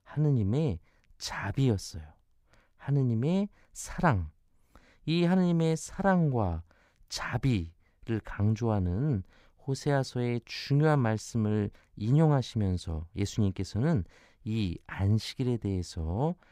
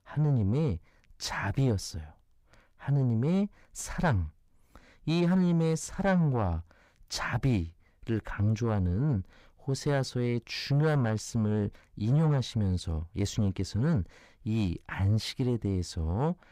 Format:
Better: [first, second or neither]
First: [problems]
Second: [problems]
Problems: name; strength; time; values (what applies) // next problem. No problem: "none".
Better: first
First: none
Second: distortion; slight; 9 dB below the speech